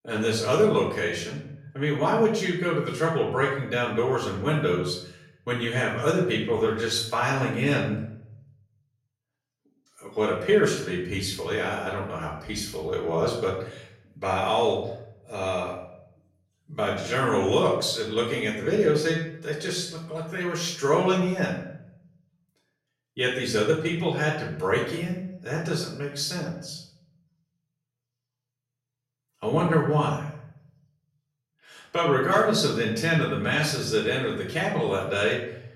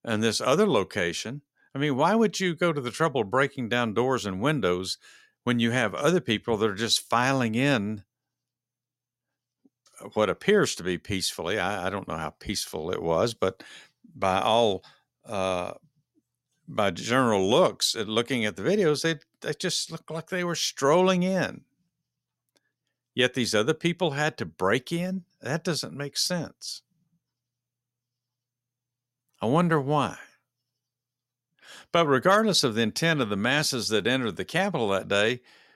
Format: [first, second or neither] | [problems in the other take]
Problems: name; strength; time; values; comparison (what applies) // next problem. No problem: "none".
second | room echo; noticeable; dies away in 0.7 s // off-mic speech; far